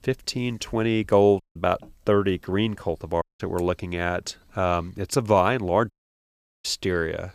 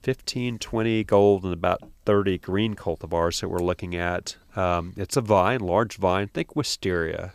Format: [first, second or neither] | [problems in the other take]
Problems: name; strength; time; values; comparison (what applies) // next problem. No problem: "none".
second | audio cutting out; at 1.5 s, at 3 s and at 6 s for 0.5 s